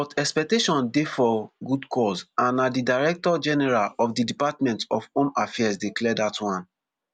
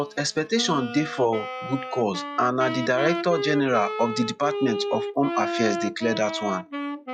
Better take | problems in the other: first | noise reduction (classical method log-MMSE)

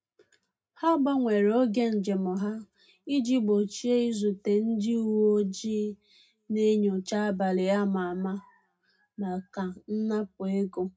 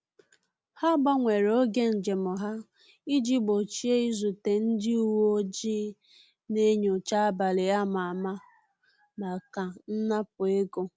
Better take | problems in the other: second | room echo; dies away in 0.2 s

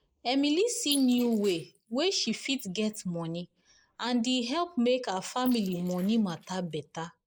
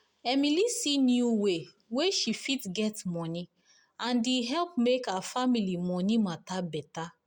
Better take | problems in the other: second | noise reduction (neural mask model Resemble Enhance denoiser)

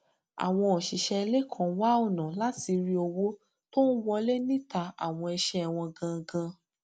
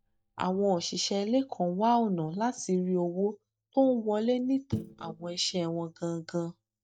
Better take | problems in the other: first | noise reduction (neural mask model DeepFilterNet 3)

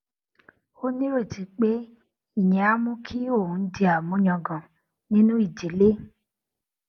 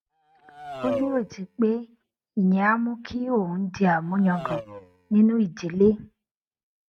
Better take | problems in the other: first | noise reduction (neural mask model RNNoise)

